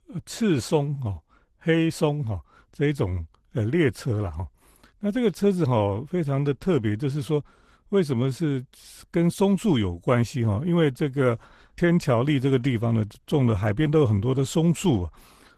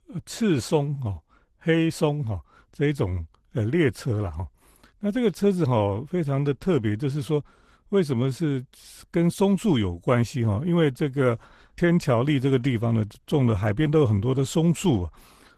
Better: neither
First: garbled, watery; slightly; nothing above 14 kHz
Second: garbled, watery; slightly; nothing above 14 kHz

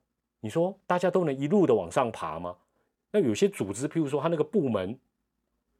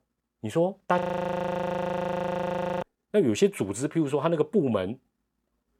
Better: first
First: none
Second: audio freezing; at 1 s for 2 s

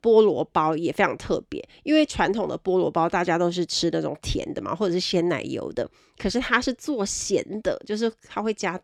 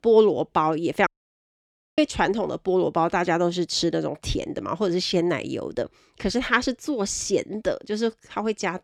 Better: first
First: none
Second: audio cutting out; at 1 s for 1 s

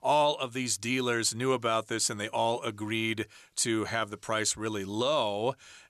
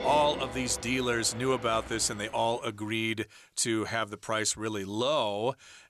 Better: first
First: none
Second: train or aircraft noise; noticeable; until 2 s; 10 dB below the speech

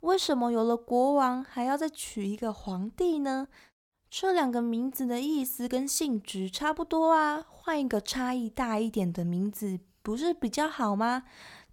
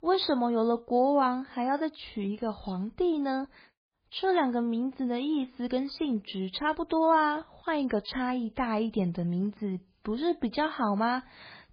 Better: first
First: none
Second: garbled, watery; badly; nothing above 4.5 kHz

